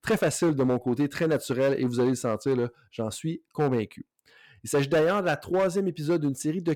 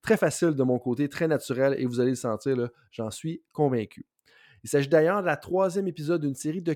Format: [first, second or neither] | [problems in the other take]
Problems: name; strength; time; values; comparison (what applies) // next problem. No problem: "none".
second | distortion; slight; 8% of the sound clipped